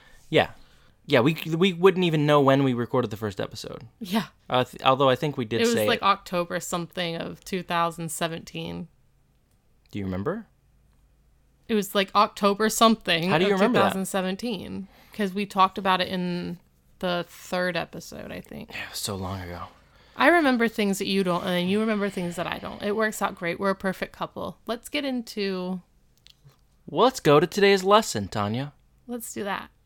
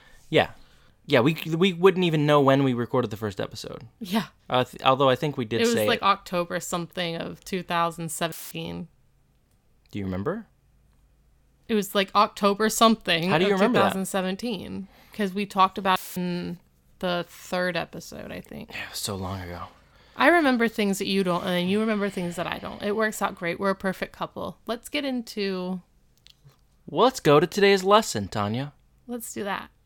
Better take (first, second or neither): first